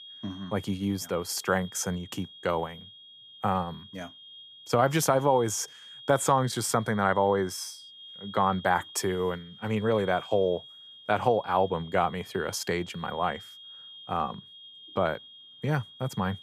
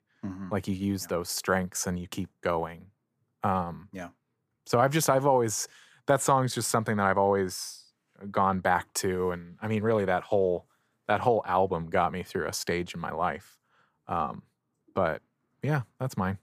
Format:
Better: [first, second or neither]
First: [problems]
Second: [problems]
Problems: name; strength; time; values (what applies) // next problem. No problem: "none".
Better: second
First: high-pitched whine; noticeable; throughout; 3.5 kHz, 20 dB below the speech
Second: none